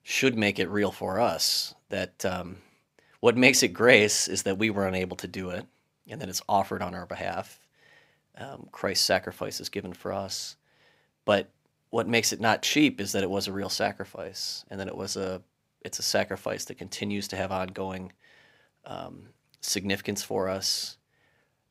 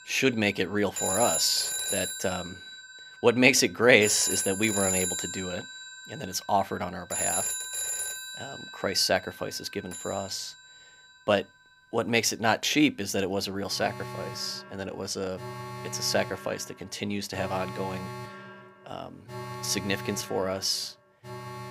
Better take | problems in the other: first | alarms or sirens; loud; throughout; 5 dB below the speech

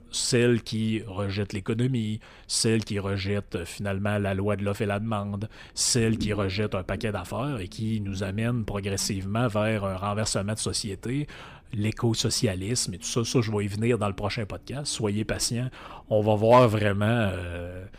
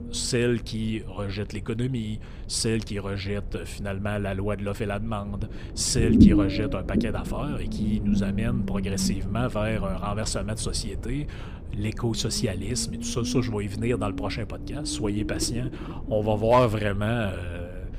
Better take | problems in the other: first | low rumble; loud; throughout; 5 dB below the speech; faint in the first

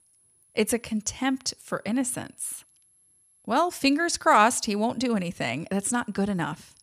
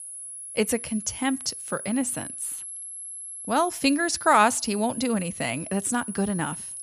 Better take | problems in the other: first | high-pitched whine; loud; throughout; 11 kHz, 9 dB below the speech; faint in the first

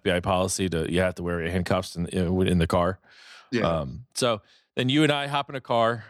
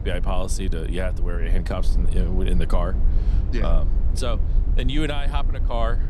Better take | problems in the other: first | low rumble; noticeable; throughout; 10 dB below the speech

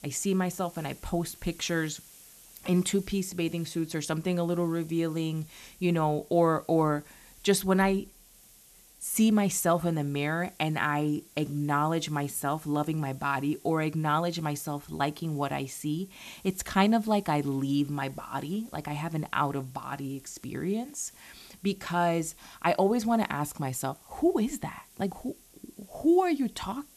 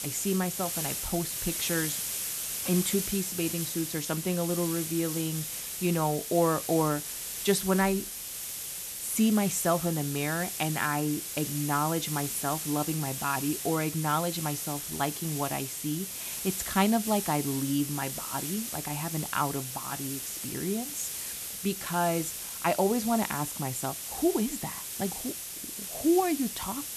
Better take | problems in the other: first | hiss; loud; throughout; 3 dB below the speech; faint in the first

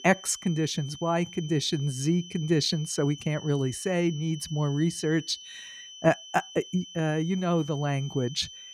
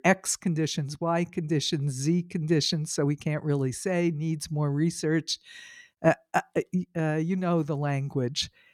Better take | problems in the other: second | high-pitched whine; noticeable; throughout; 3 kHz, 15 dB below the speech

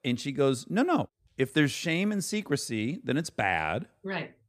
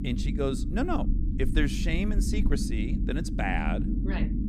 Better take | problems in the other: first | low rumble; loud; throughout; 6 dB below the speech

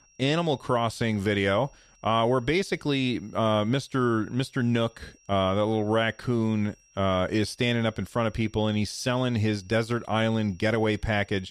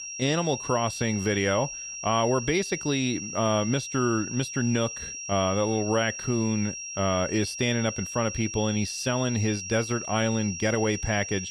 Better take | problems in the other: first | high-pitched whine; loud; throughout; 5.5 kHz, 7 dB below the speech; faint in the first

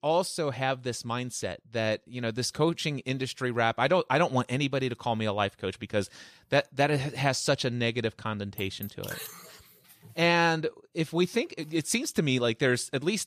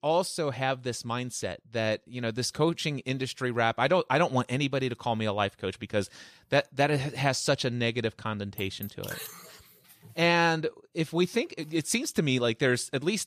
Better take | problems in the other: neither | none

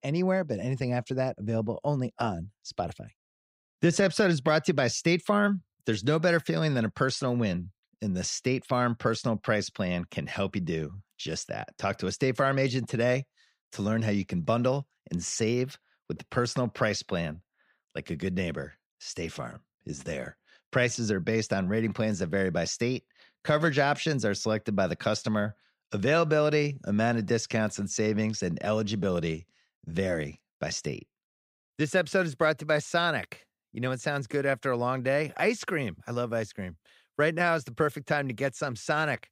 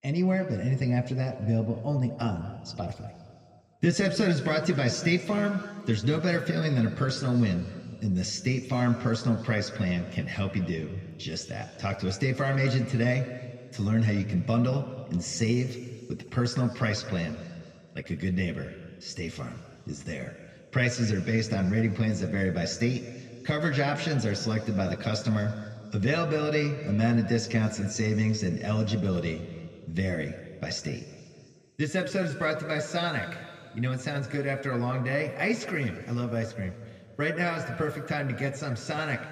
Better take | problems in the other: first | room echo; slight; dies away in 1.9 s

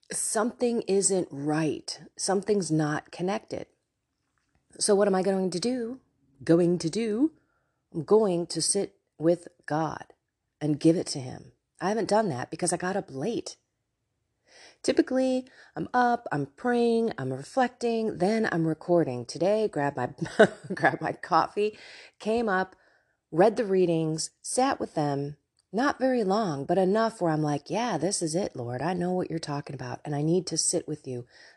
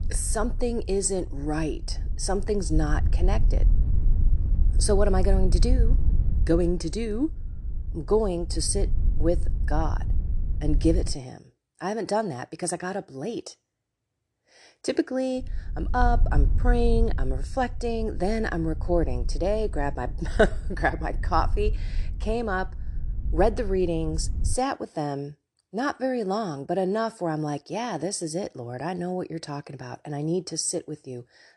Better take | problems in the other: first | wind noise on the microphone; occasional gusts; until 11 s and from 15 to 25 s; 20 dB below the speech

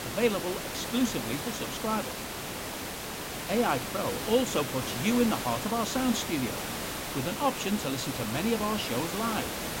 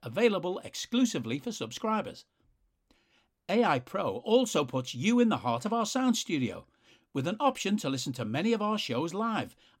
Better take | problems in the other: second | hiss; loud; throughout; 3 dB below the speech

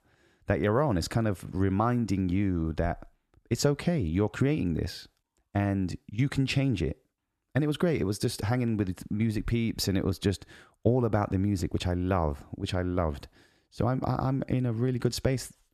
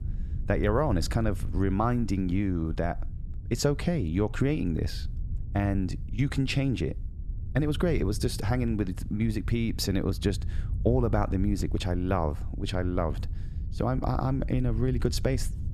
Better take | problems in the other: first | low rumble; faint; throughout; 20 dB below the speech

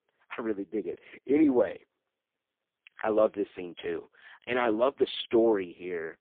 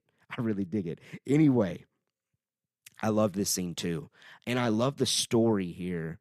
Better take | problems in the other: second | phone-call audio; poor line

